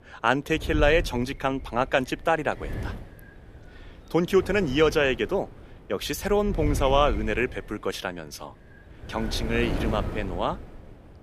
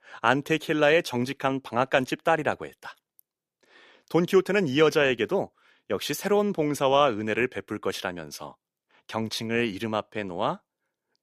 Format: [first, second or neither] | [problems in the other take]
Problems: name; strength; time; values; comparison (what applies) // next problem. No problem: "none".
second | wind noise on the microphone; occasional gusts; 15 dB below the speech